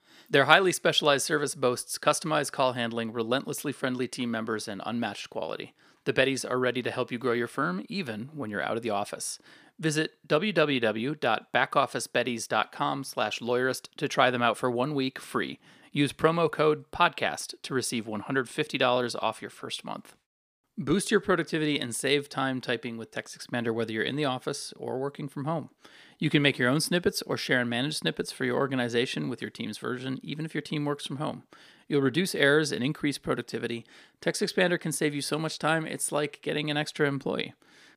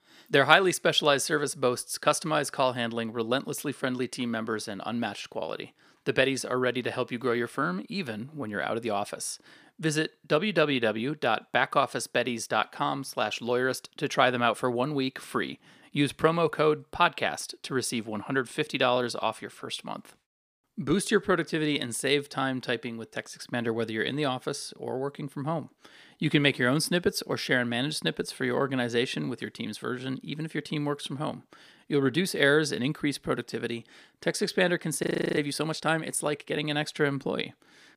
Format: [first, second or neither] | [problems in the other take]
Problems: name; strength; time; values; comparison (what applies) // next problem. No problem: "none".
first | audio freezing; at 35 s